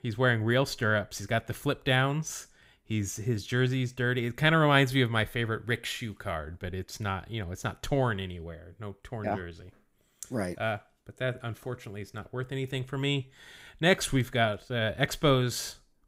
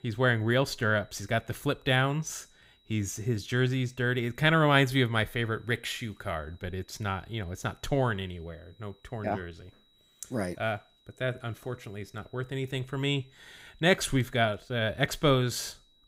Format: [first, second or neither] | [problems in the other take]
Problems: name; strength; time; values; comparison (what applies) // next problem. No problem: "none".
first | high-pitched whine; faint; throughout; 4 kHz, 35 dB below the speech